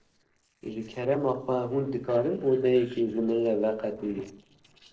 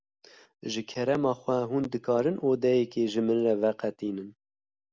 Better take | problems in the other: second | noise reduction (neural separator model SepFormer DNS4)

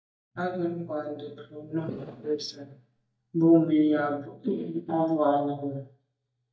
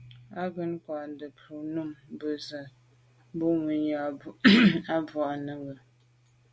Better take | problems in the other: second | noise reduction (neural mask model DeepFilterNet 3)

